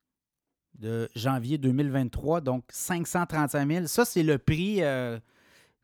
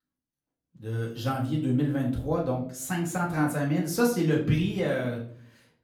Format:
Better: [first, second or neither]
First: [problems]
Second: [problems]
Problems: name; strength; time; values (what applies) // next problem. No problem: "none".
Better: first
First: none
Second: off-mic speech; far // room echo; slight; dies away in 0.4 s